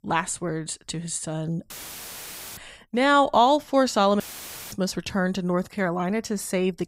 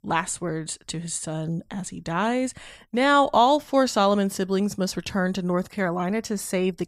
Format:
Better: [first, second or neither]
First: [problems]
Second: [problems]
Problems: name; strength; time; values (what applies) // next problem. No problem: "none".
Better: second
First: audio cutting out; filled with static; at 1.5 s for 1 s and at 4 s for 0.5 s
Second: none